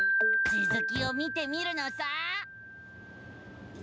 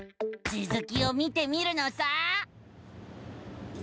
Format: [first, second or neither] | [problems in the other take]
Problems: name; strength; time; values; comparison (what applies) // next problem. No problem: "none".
second | background sound (Wind chime); 4 dB above the speech